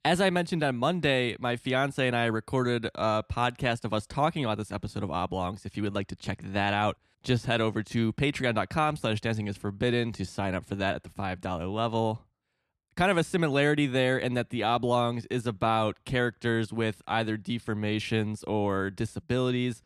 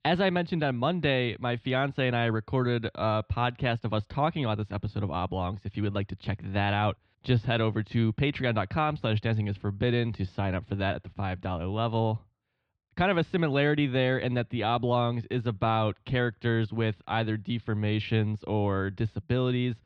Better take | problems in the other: first | muffled; very slightly; fading above 3.5 kHz

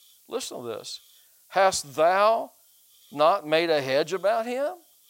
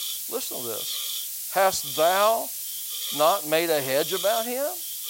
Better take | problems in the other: first | hiss; loud; throughout; 4 dB below the speech; faint in the first

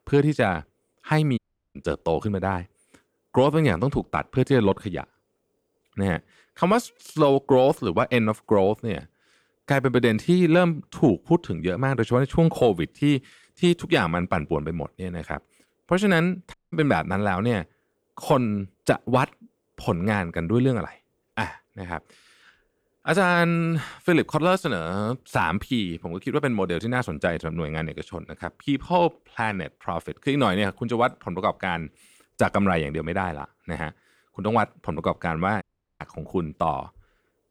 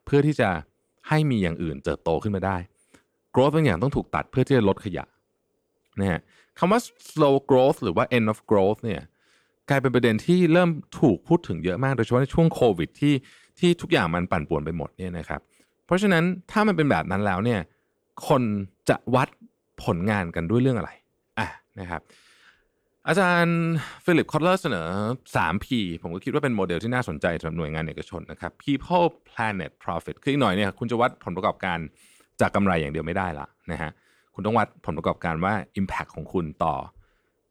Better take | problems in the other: second | audio cutting out; at 1.5 s, at 17 s and at 36 s

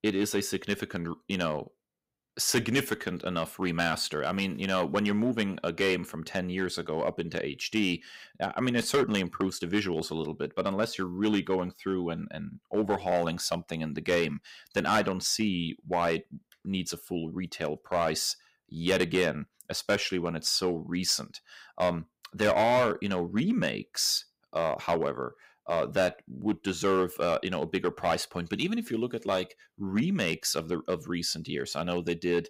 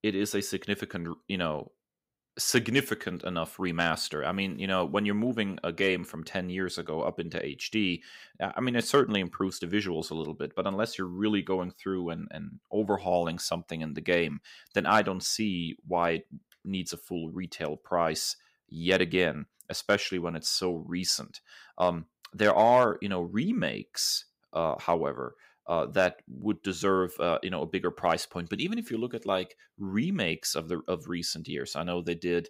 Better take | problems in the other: second | distortion; slight; 3% of the sound clipped

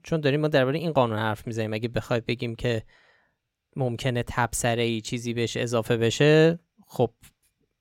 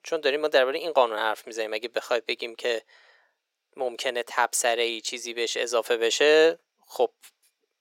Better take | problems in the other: first | thin; very; fading below 400 Hz

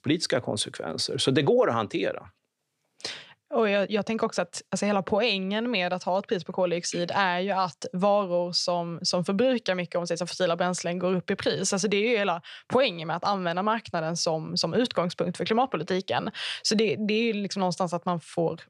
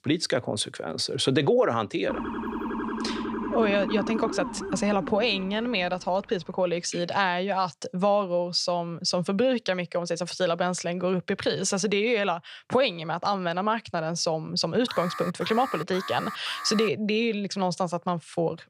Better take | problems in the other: first | siren; noticeable; from 2 to 6 s; peak 4 dB below the speech // alarm; noticeable; from 15 to 17 s; peak 9 dB below the speech

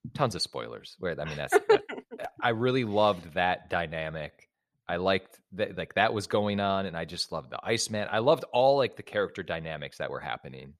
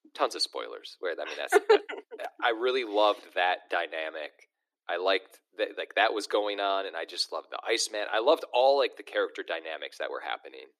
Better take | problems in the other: first | thin; very; fading below 300 Hz

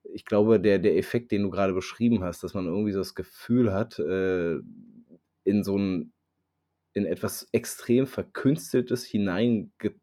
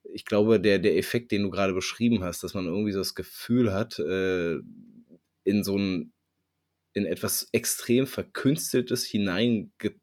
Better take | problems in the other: second | muffled; slightly; fading above 2 kHz

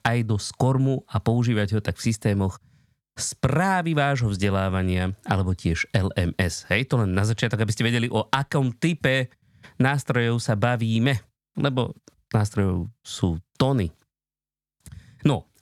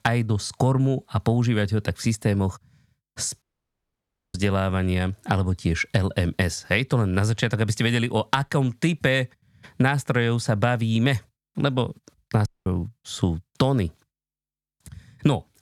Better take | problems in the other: first | audio cutting out; at 3.5 s for 1 s and at 12 s

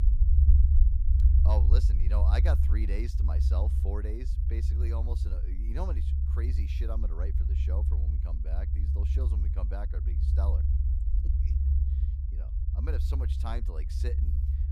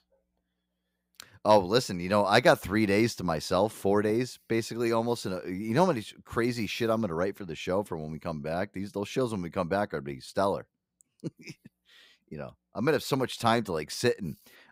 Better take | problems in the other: second | low rumble; loud; throughout; 3 dB below the speech

